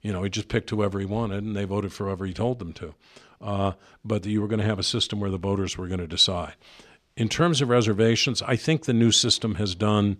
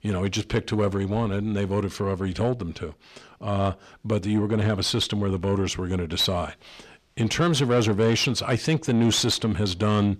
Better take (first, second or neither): first